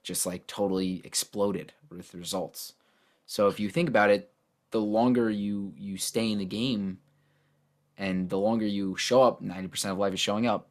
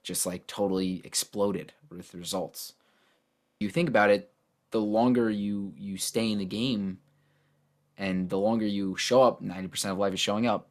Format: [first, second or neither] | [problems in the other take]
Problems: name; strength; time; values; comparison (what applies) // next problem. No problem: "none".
first | audio freezing; at 3 s